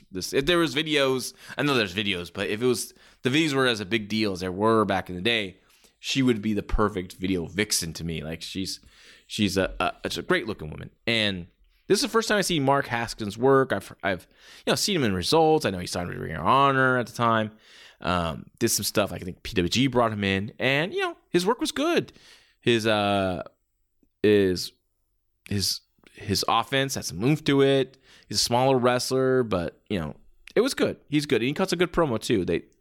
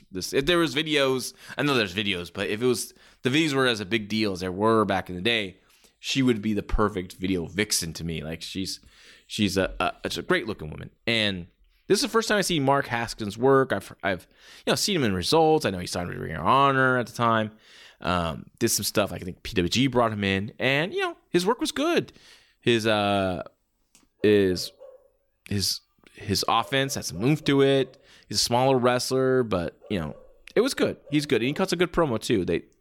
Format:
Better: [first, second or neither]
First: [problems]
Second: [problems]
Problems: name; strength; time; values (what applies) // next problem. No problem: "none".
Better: first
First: none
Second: animal sounds; faint; from 16 s on; 25 dB below the speech